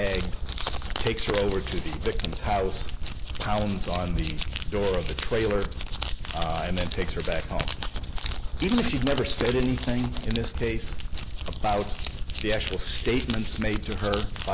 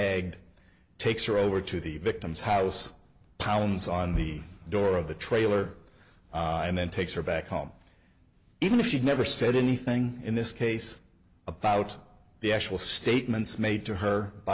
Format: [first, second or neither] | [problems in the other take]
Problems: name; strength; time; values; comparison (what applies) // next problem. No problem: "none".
second | background sound (Crumpling, crinkling); as loud as the speech